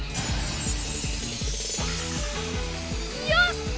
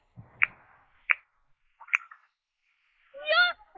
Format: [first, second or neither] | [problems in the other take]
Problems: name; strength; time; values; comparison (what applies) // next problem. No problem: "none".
first | noise reduction (neural mask model Resemble Enhance denoiser)